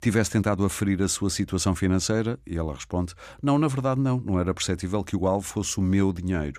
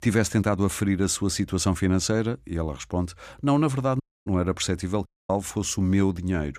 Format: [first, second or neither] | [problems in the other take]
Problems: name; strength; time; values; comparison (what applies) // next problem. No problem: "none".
first | audio cutting out; at 4 s and at 5 s